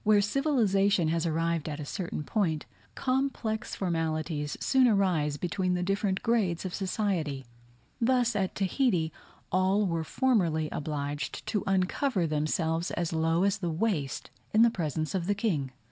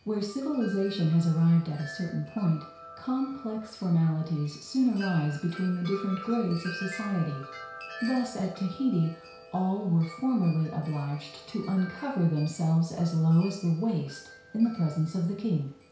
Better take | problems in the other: first | background sound (Wind chime); 17 dB below the speech // room echo; dies away in 0.6 s

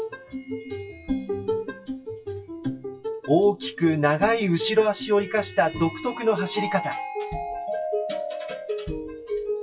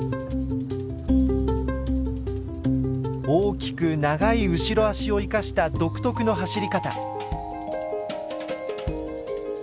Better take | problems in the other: second | noise reduction (classical method WPE with log-MMSE)

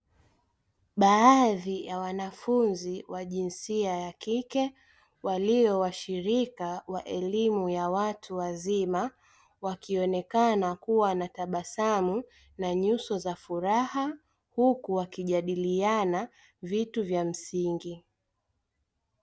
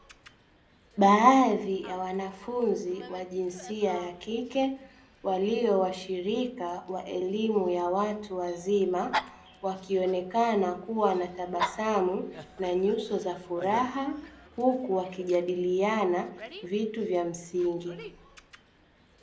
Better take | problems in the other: first | background sound (Dog); 16 dB below the speech // room echo; dies away in 0.4 s

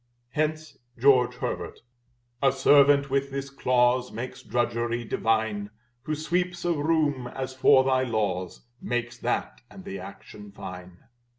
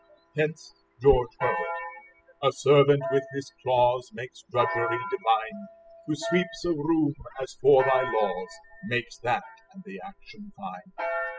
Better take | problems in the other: first | noise reduction (classical method spectral subtraction)

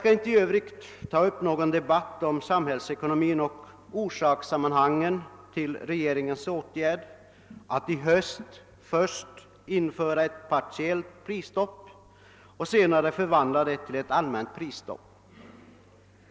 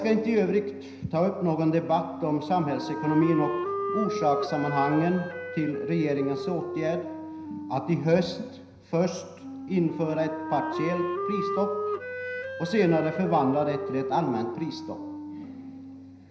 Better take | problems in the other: first | background sound (Wind instrument, woodwind instrument); 6 dB below the speech // room echo; dies away in 0.9 s

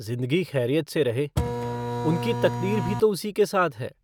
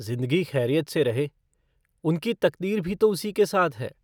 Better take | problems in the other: second | background sound (Printer); 2 dB below the speech

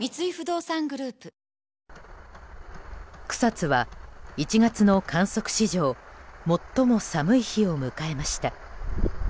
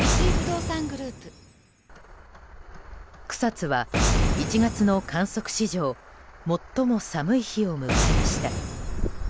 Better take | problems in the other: first | background sound (Boom); as loud as the speech

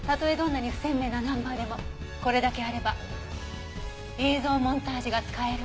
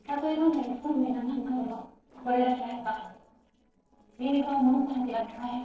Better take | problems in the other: first | noise reduction (neural separator model SepFormer DNS4)

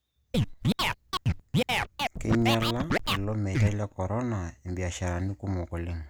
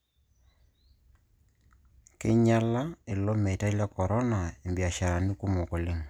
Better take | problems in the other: second | background sound (Scratching (performance technique)); 3 dB above the speech

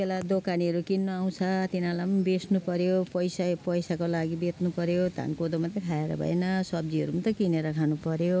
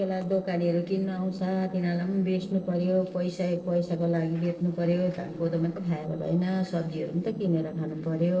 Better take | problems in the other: first | noise reduction (neural separator model SepFormer DNS4)

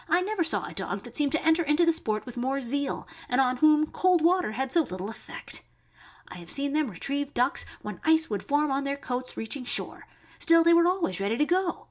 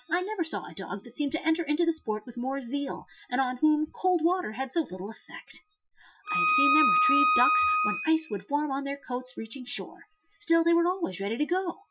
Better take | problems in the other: first | noise reduction (classical method Wiener filter)

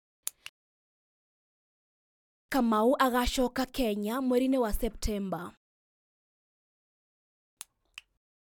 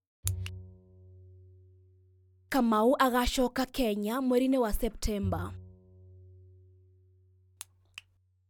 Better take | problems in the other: first | background sound (Bowed string instrument); 13 dB below the speech

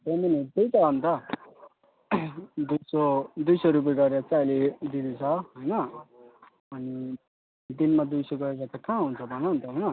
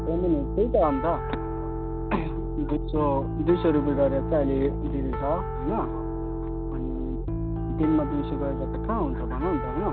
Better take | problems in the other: first | background sound (Piano); 2 dB below the speech

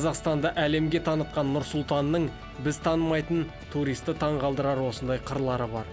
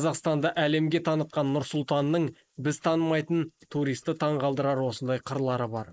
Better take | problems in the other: first | noise reduction (neural mask model Resemble Enhance denoiser)

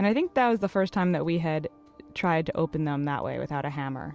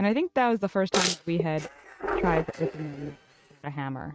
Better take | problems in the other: first | noise reduction (neural mask model RNNoise)

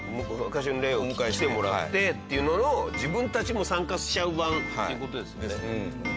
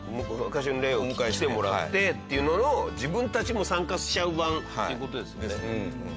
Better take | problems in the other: second | background sound (Clock); 13 dB below the speech

